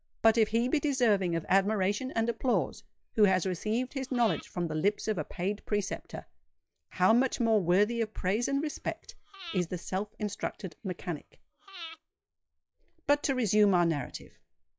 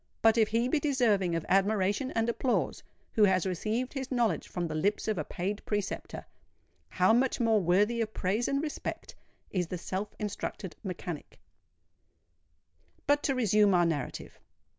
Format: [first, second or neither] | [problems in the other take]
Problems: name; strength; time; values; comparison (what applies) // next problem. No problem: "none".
second | noise reduction (classical method log-MMSE)